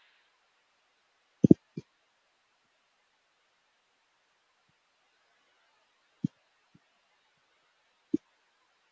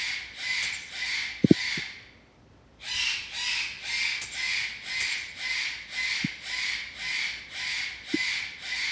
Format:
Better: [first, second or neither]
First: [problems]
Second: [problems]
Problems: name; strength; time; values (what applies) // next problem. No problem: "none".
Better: first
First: none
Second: background sound (Bird + Coin (dropping)); 3 dB above the speech